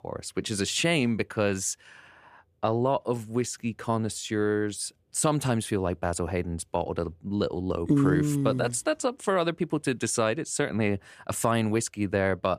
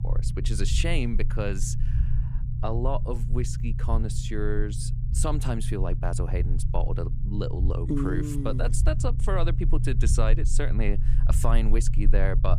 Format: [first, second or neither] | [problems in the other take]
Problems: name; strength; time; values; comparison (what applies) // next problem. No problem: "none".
first | low rumble; noticeable; throughout; 10 dB below the speech